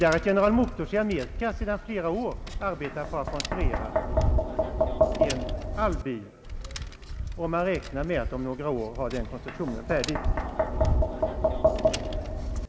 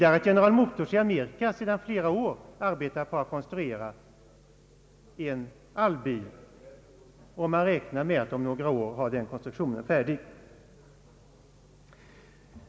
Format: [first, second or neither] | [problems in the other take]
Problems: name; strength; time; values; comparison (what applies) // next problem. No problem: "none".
second | background sound (Tap); 1 dB above the speech